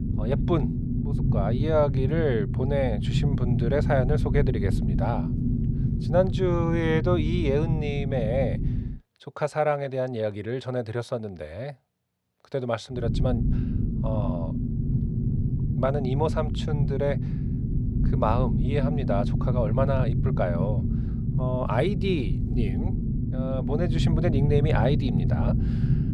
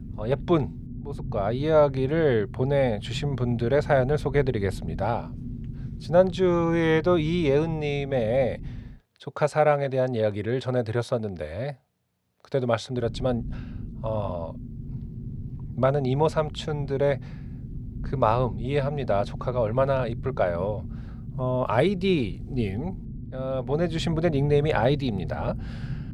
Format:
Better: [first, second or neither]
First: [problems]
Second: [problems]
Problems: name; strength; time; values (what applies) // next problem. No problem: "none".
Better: second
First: low rumble; loud; until 9 s and from 13 s on; 7 dB below the speech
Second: low rumble; faint; until 9 s and from 13 s on; 20 dB below the speech